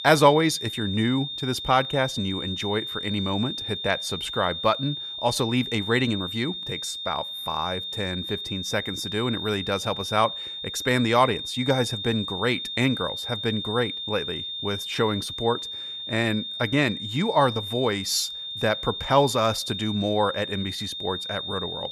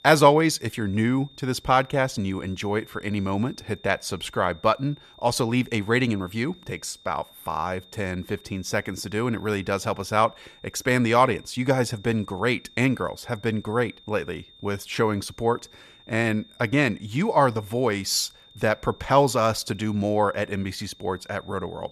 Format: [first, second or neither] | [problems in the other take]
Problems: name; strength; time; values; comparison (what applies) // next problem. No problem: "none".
second | high-pitched whine; loud; throughout; 3.5 kHz, 5 dB below the speech; faint in the second